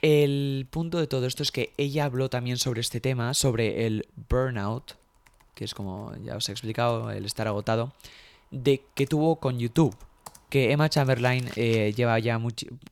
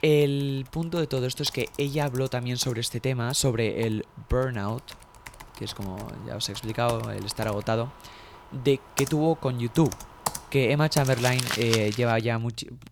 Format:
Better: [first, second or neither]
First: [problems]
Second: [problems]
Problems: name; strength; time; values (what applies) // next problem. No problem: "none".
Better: first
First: household noises; faint; throughout; 25 dB below the speech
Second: household noises; loud; throughout; 10 dB below the speech